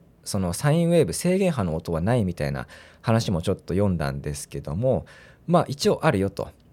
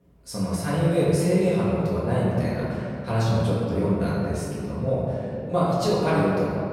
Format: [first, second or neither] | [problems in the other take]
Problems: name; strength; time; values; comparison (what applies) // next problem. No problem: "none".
first | off-mic speech; far // room echo; strong; dies away in 2.6 s